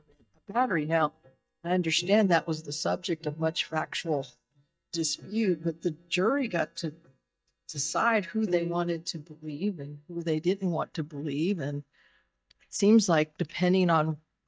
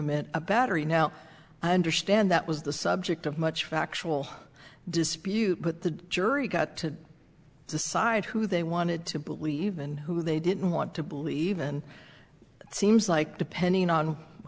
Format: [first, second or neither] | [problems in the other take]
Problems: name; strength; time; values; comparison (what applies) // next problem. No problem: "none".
second | noise reduction (neural mask model DeepFilterNet 3)